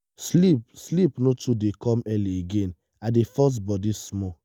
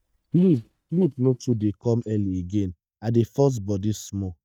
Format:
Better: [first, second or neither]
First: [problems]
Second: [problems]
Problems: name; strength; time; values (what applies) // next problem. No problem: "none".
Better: first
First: none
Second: noise reduction (neural mask model DeepFilterNet 3)